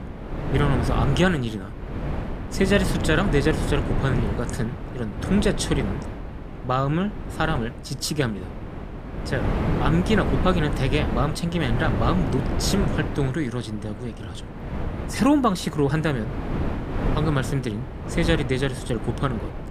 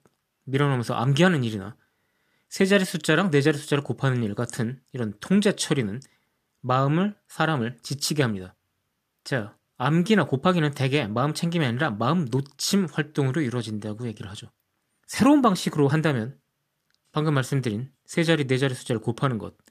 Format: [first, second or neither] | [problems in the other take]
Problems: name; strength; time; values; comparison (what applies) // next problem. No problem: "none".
second | wind noise on the microphone; heavy; 7 dB below the speech